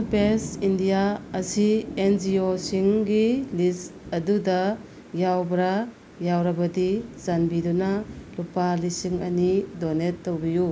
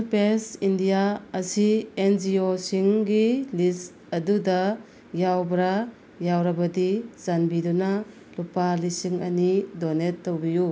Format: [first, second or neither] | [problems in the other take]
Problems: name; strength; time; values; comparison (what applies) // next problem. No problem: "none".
second | background sound (Thunder / Rain); 16 dB below the speech